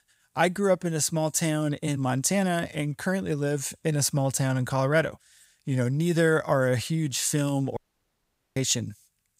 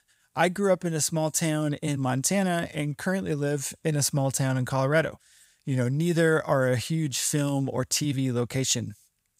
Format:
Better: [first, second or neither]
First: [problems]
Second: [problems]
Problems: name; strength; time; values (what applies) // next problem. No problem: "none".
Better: second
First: audio cutting out; at 8 s for 1 s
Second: none